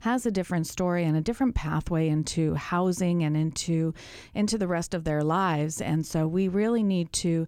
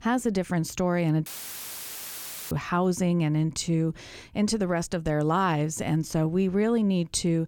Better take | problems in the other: first | audio cutting out; filled with static; at 1.5 s for 1 s

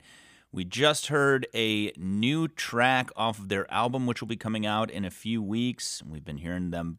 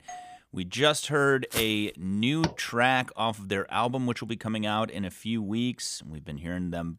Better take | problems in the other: first | doorbell; faint; at the start; peak 15 dB below the speech // footsteps; noticeable; at 1.5 s; peak 6 dB below the speech // door banging; noticeable; at 2.5 s; peak 7 dB below the speech

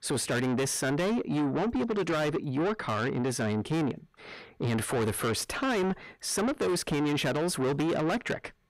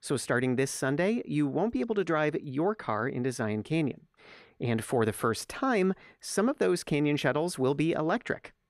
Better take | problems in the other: second | distortion; heavy; 7 dB below the speech

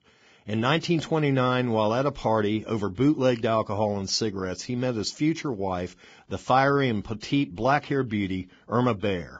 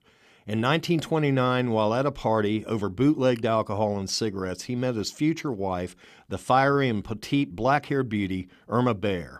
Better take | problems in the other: second | garbled, watery; badly

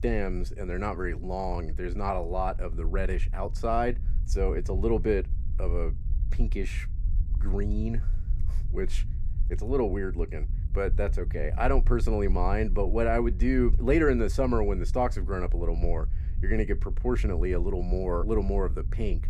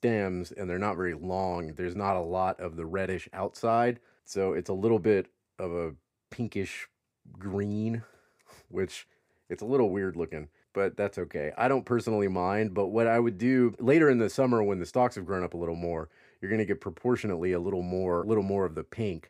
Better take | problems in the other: second | low rumble; faint; throughout; 20 dB below the speech

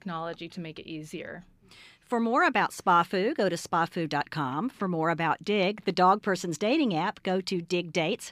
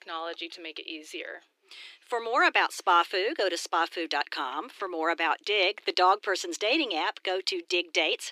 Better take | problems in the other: first | thin; very; fading below 350 Hz

